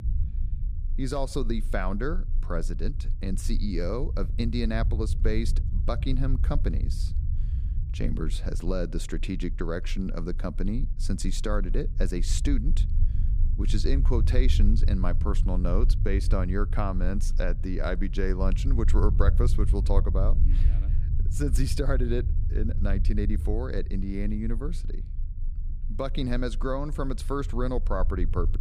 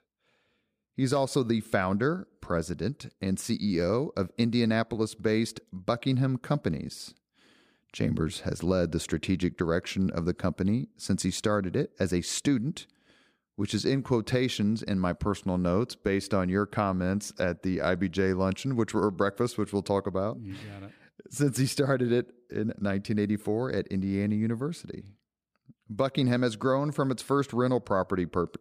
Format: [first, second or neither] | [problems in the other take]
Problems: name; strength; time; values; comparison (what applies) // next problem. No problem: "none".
second | low rumble; noticeable; throughout; 15 dB below the speech